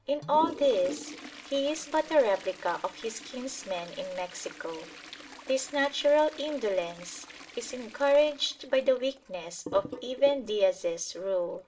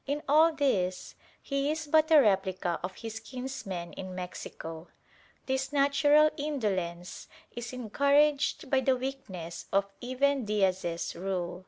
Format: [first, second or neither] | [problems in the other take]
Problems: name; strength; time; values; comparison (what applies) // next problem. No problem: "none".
second | background sound (Toilet flush); 16 dB below the speech // room echo; dies away in 0.2 s